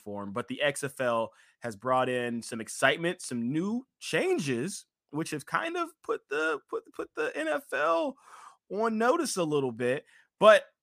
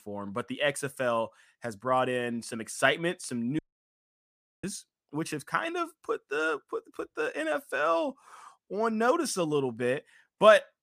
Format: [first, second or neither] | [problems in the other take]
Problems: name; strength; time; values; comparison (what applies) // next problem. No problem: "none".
first | audio cutting out; at 3.5 s for 1 s